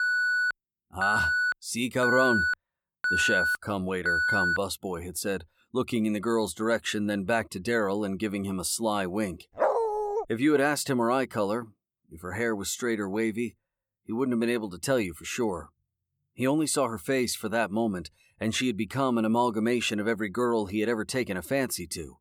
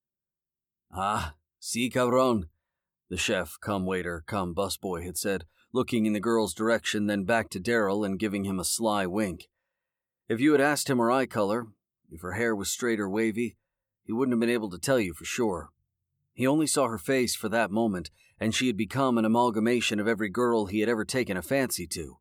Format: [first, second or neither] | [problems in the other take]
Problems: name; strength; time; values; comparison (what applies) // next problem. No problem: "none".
second | alarm; loud; until 4.5 s; peak 4 dB above the speech // dog barking; loud; at 9.5 s; peak 3 dB above the speech